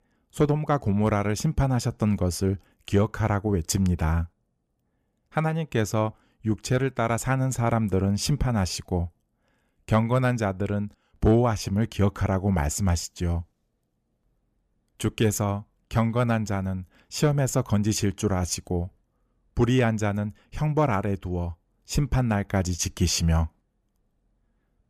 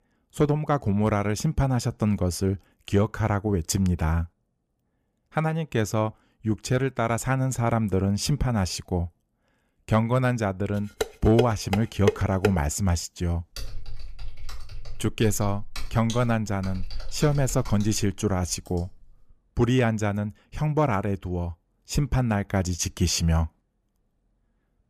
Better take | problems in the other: first | clattering dishes; noticeable; from 11 to 12 s; peak 2 dB below the speech // keyboard typing; faint; from 14 to 19 s; peak 10 dB below the speech

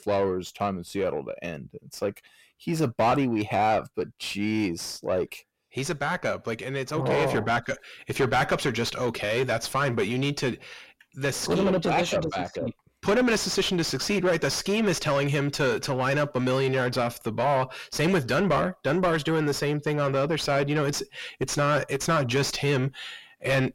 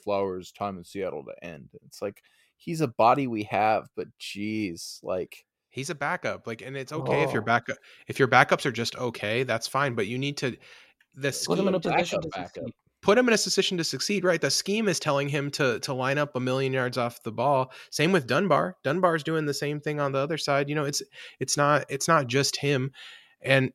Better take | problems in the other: second | distortion; heavy; 6 dB below the speech

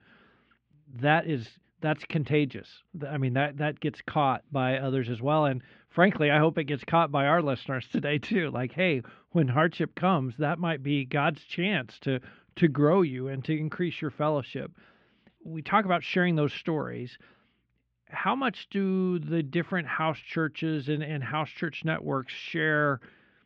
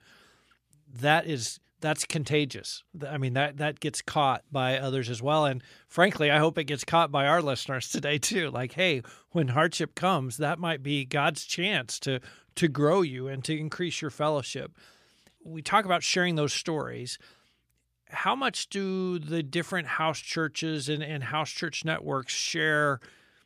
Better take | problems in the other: second | muffled; very; fading above 3 kHz

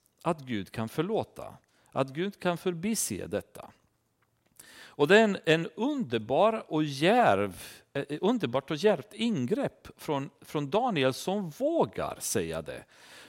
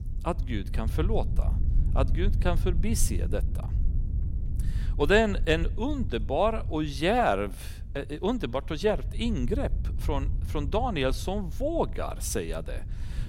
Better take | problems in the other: first | wind noise on the microphone; occasional gusts; 20 dB below the speech

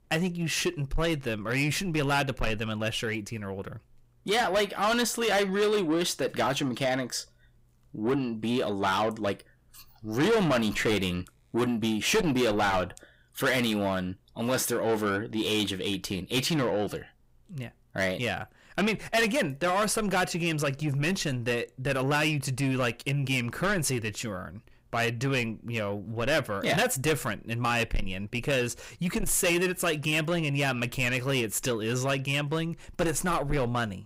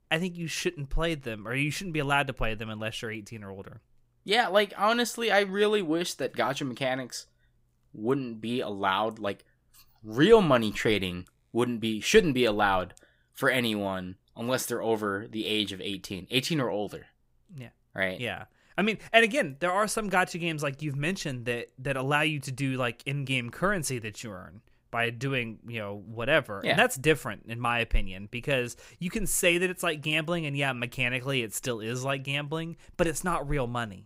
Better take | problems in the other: second | distortion; heavy; 6 dB below the speech

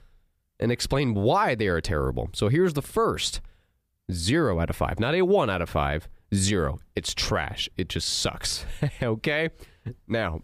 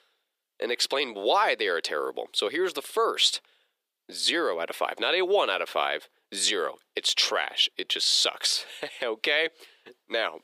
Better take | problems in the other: first | thin; very; fading below 400 Hz

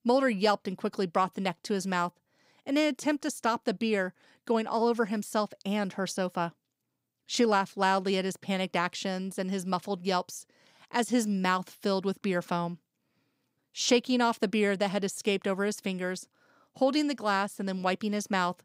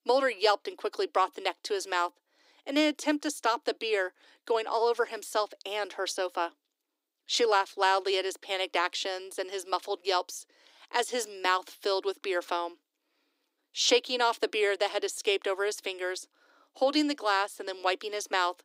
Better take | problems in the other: first | thin; somewhat; fading below 300 Hz

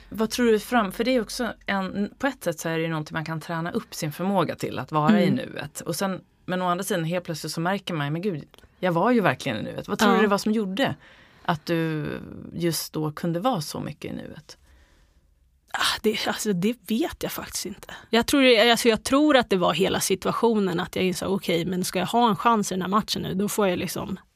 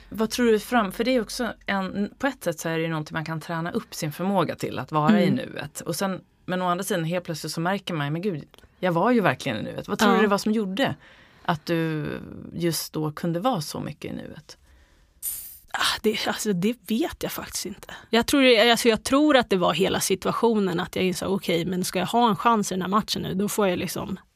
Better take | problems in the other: first | jangling keys; noticeable; at 15 s; peak 6 dB below the speech

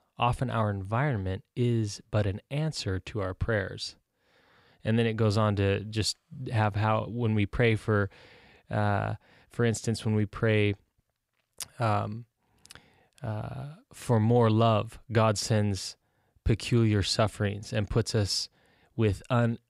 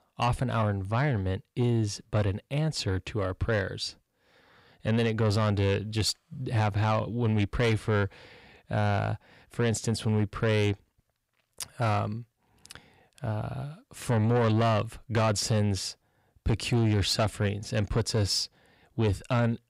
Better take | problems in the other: first | distortion; slight; 10 dB below the speech

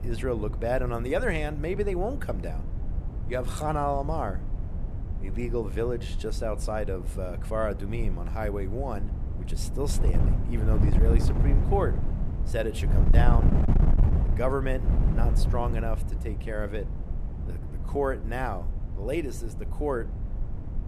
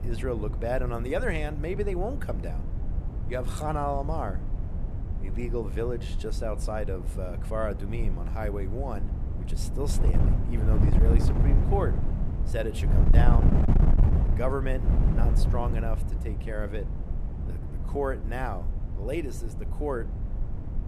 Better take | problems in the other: first | wind noise on the microphone; heavy; 7 dB below the speech; occasional gusts in the first

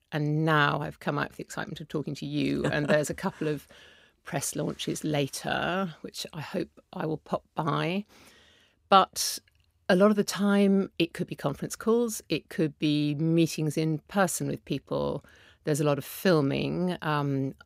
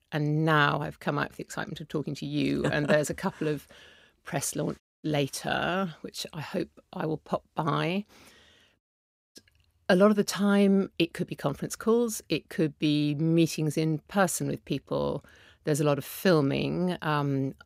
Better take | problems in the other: first | audio cutting out; at 5 s and at 9 s for 0.5 s

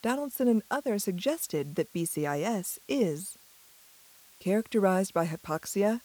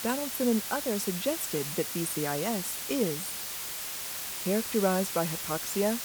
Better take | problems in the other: first | hiss; loud; throughout; 2 dB below the speech; faint in the first

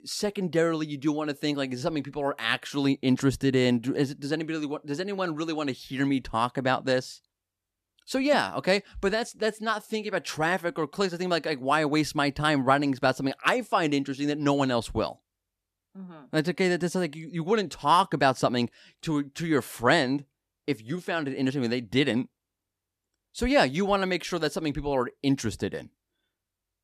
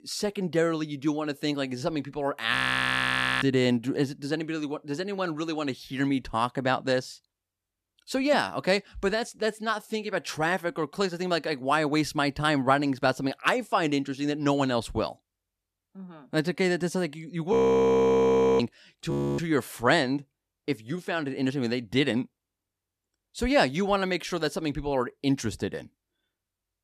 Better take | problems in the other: first | audio freezing; at 2.5 s for 1 s, at 18 s for 1 s and at 19 s

